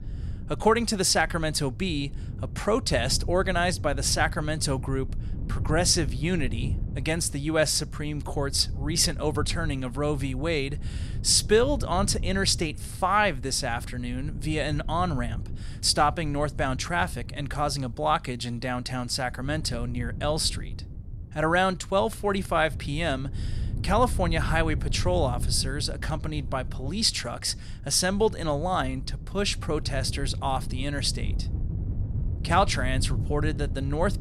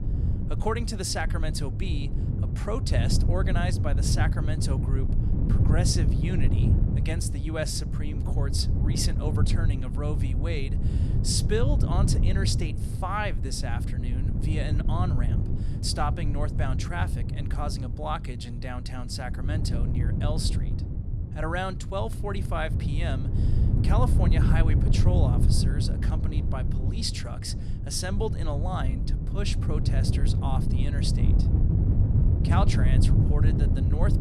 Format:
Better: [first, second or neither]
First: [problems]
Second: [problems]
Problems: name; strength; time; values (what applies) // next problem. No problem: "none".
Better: first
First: wind noise on the microphone; occasional gusts; 20 dB below the speech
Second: wind noise on the microphone; heavy; 5 dB below the speech